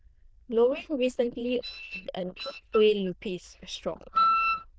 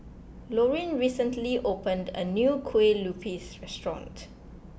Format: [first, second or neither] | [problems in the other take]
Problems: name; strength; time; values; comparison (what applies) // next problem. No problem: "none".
second | noise reduction (neural diffusion model UNIVERSE++)